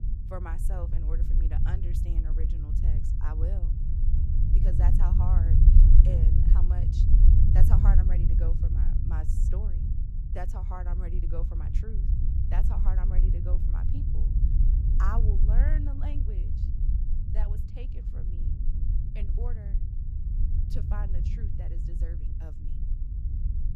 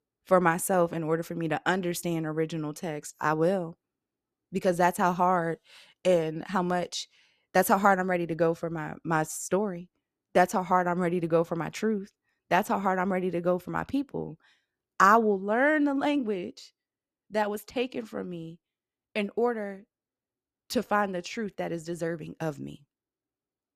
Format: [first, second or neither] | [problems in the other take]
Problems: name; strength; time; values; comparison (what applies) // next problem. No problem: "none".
second | low rumble; loud; throughout; as loud as the speech